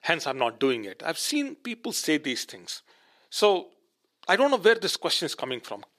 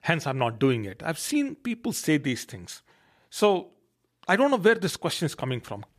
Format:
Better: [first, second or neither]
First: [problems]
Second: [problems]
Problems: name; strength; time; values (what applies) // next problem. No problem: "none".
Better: second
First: thin; very slightly; fading below 350 Hz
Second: none